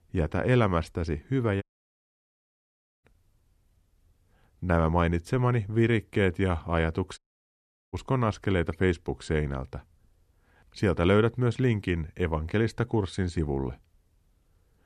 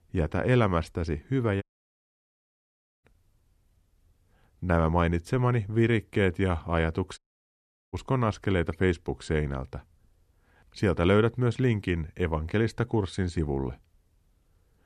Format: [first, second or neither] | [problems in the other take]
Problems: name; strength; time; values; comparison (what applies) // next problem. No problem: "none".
neither | audio cutting out; at 1.5 s for 1.5 s and at 7 s for 0.5 s; the same in both